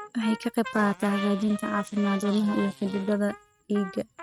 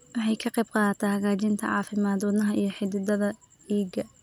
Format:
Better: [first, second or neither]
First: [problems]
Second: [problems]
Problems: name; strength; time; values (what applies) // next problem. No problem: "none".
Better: second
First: noise reduction (neural mask model RNNoise)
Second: none